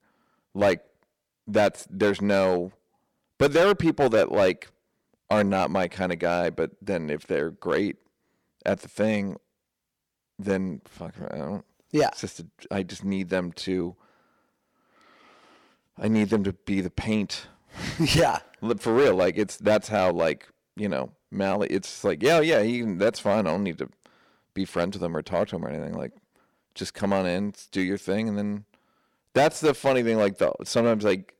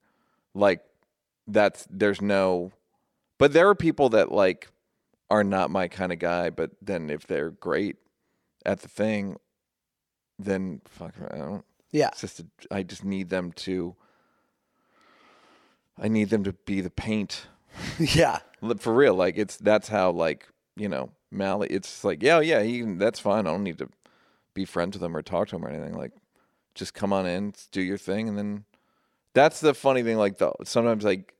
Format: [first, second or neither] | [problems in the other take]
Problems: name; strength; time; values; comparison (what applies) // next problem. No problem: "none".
second | distortion; slight; 3% of the sound clipped